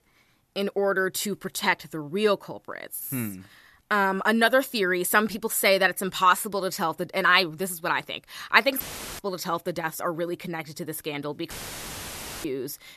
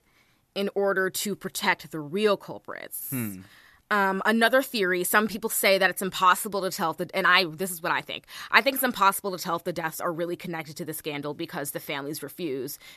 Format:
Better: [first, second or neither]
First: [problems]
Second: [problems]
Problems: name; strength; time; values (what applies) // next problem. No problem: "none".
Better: second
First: audio cutting out; filled with static; at 9 s and at 12 s for 1 s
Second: none